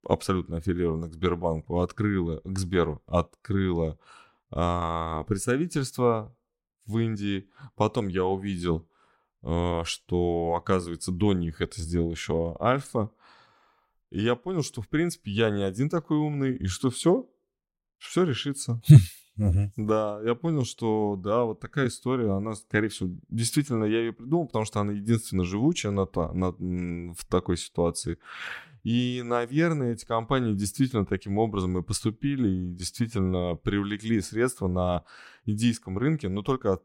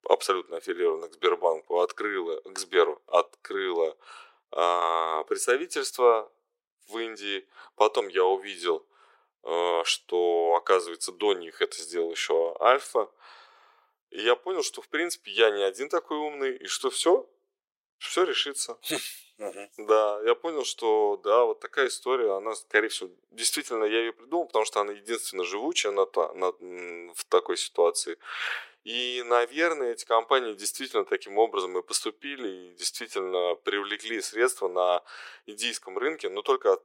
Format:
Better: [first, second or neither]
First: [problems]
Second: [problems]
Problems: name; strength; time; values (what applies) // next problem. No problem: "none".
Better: first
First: none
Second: thin; very; fading below 400 Hz